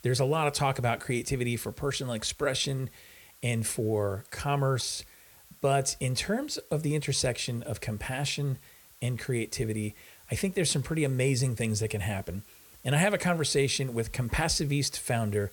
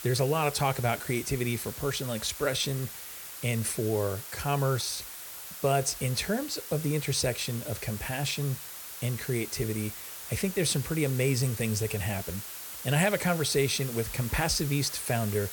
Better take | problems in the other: first | hiss; loud; throughout; 9 dB below the speech; faint in the first

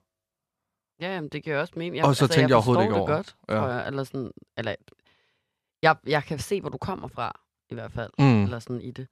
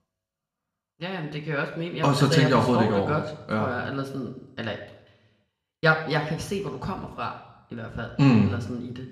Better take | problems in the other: first | room echo; slight; dies away in 0.8 s // off-mic speech; somewhat distant

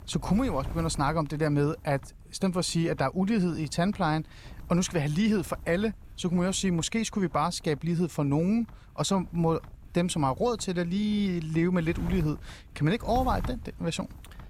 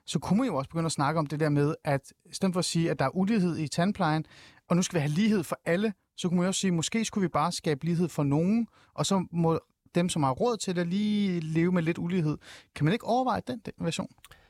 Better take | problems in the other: second | wind noise on the microphone; occasional gusts; 20 dB below the speech

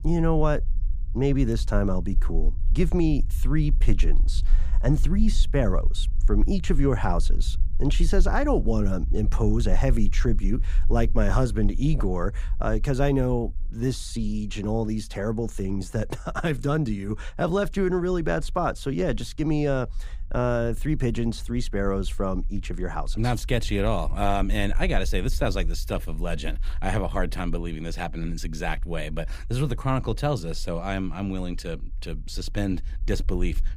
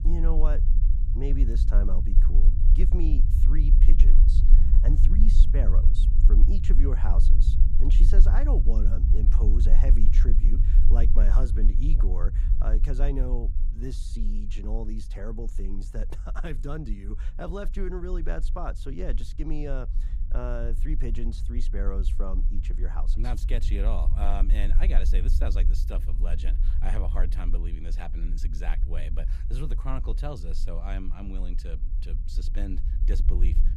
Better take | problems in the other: first | low rumble; loud; throughout; 7 dB below the speech; faint in the first

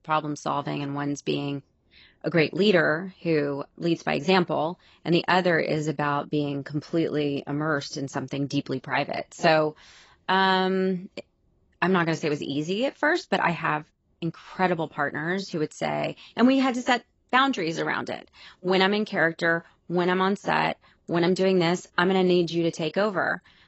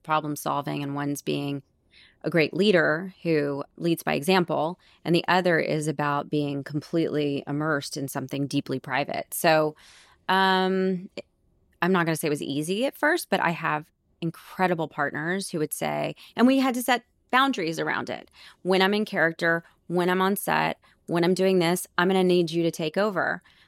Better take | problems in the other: second | garbled, watery; badly; nothing above 8 kHz

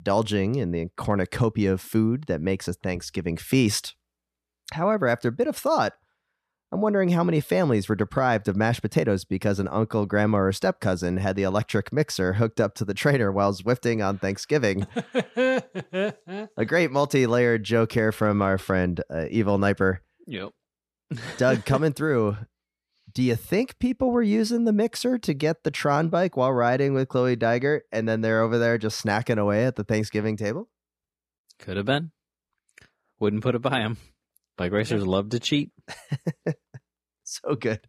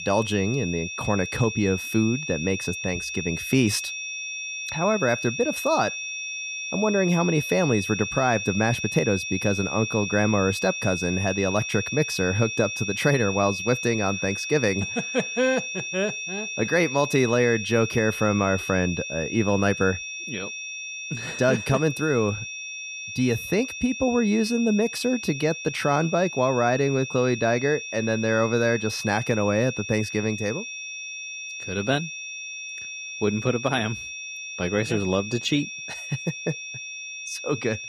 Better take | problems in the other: first | high-pitched whine; loud; throughout; 2.5 kHz, 6 dB below the speech

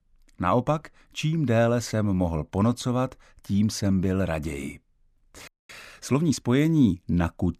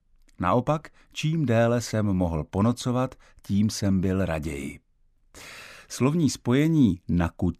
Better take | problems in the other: second | audio freezing; at 5.5 s

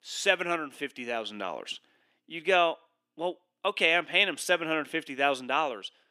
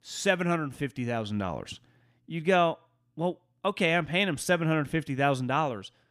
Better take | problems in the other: second | thin; somewhat; fading below 350 Hz

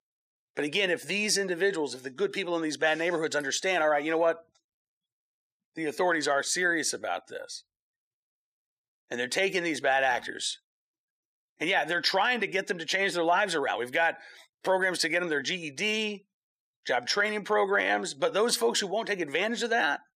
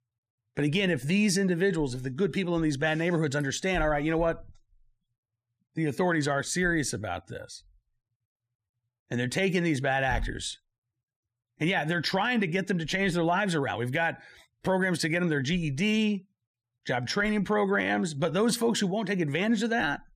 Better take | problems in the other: second | thin; somewhat; fading below 500 Hz

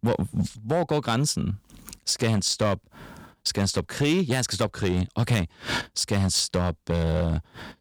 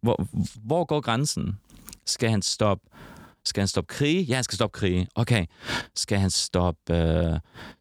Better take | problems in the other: second | distortion; slight; 5% of the sound clipped

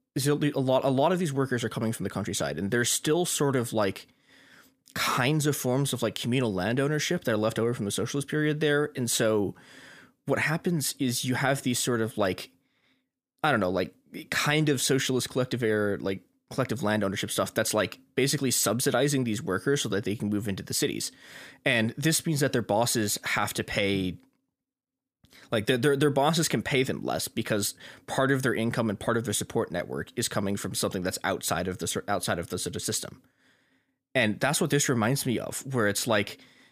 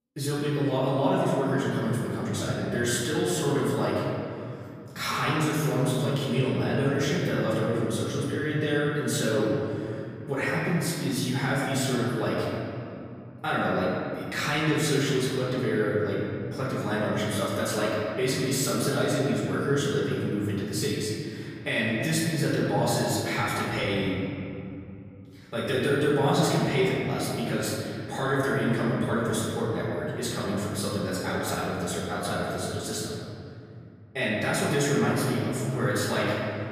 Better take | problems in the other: first | off-mic speech; far // room echo; strong; dies away in 2.8 s

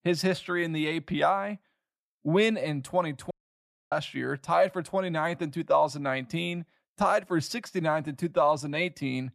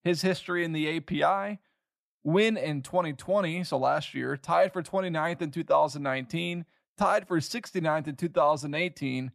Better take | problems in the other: second | audio cutting out; at 3.5 s for 0.5 s

